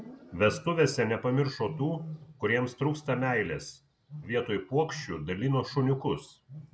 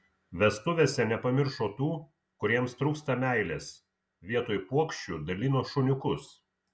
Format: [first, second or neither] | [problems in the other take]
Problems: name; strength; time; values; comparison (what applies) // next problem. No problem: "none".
second | background sound (Wild animals); 17 dB below the speech